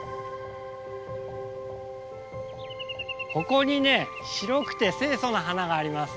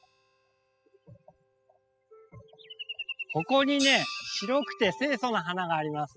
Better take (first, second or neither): first